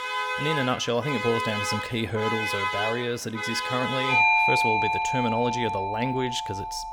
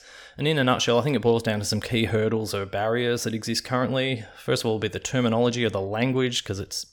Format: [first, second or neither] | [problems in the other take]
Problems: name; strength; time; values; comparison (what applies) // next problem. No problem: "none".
second | alarms or sirens; very loud; throughout; 3 dB above the speech